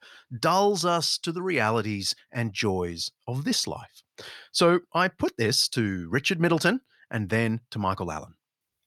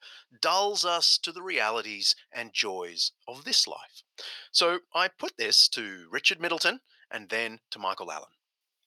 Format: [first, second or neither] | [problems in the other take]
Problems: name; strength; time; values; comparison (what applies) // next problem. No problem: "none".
first | thin; very; fading below 550 Hz